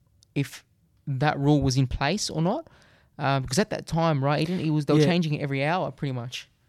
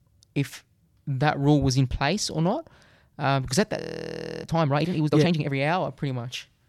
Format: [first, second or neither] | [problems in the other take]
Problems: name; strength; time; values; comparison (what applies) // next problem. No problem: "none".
first | audio freezing; at 4 s for 0.5 s